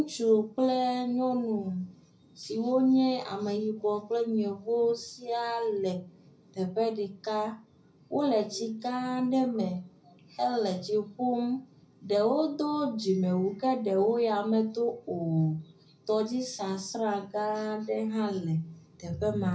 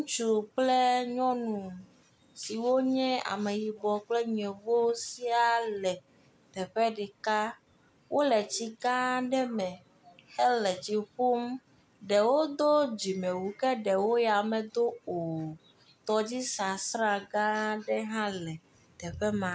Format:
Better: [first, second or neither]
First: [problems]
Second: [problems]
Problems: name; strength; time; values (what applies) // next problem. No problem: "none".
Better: second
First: room echo; dies away in 0.4 s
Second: none